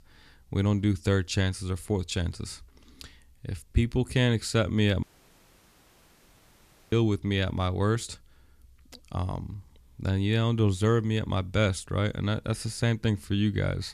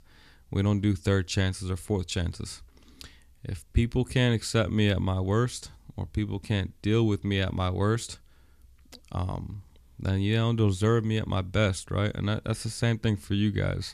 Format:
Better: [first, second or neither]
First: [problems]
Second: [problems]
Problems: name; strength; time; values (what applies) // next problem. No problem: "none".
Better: second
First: audio cutting out; at 5 s for 2 s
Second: none